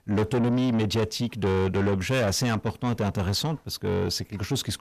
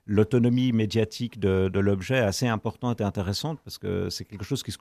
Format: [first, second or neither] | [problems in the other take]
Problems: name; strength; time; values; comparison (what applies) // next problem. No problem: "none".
second | distortion; heavy; 8 dB below the speech